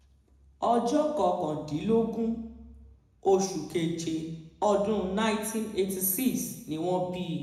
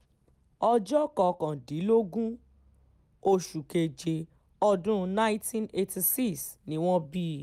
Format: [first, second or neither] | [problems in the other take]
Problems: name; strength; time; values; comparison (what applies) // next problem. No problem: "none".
second | room echo; dies away in 0.9 s